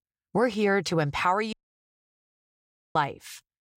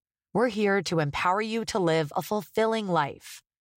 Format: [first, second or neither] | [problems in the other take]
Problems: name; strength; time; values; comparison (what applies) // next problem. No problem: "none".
second | audio cutting out; at 1.5 s for 1.5 s